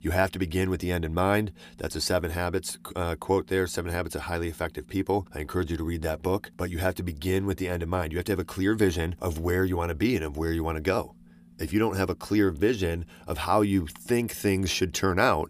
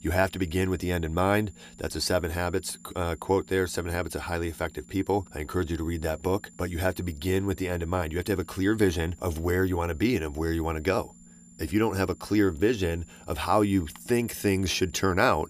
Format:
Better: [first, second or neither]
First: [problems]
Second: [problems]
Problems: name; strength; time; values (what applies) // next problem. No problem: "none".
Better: first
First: none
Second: high-pitched whine; faint; throughout; 7 kHz, 25 dB below the speech